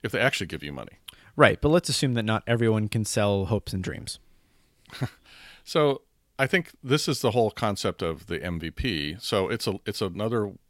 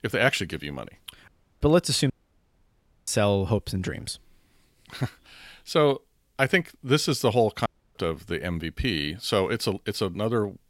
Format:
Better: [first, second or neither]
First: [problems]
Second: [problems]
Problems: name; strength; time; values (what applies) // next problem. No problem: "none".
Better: first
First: none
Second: audio cutting out; at 1.5 s, at 2 s for 1 s and at 7.5 s